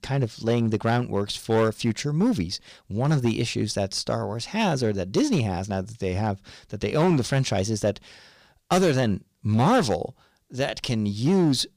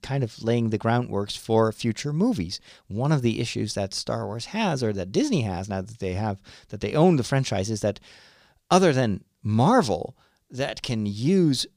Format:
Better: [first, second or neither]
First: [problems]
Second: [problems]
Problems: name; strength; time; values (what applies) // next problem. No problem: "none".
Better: second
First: distortion; slight; 5% of the sound clipped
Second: none